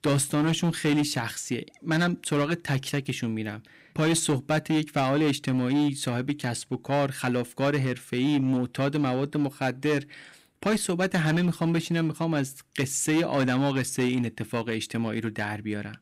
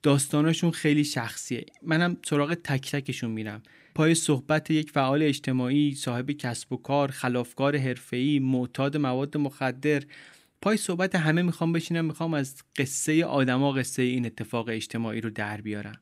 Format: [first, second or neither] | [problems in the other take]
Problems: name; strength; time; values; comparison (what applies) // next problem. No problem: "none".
second | distortion; slight; 9% of the sound clipped